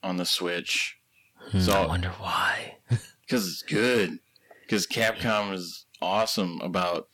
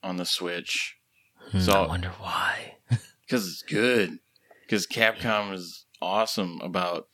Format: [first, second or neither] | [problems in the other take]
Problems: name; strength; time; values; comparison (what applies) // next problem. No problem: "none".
second | distortion; slight; 10 dB below the speech